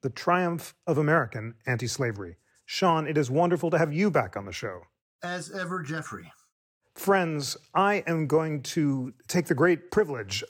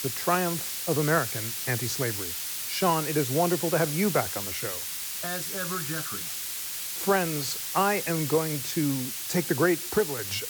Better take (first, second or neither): first